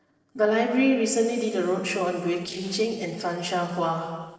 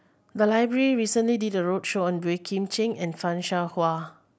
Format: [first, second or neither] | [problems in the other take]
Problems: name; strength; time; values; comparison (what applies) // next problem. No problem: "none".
second | noise reduction (neural separator model SepFormer DNS4)